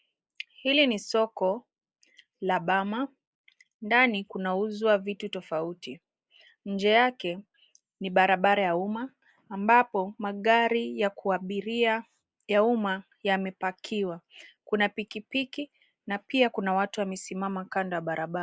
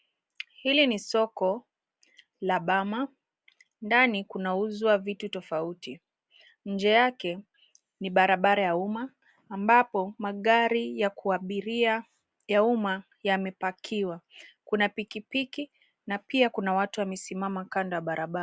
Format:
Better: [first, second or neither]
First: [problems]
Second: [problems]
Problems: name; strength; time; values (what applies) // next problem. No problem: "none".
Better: second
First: noise reduction (neural mask model Resemble Enhance denoiser)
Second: none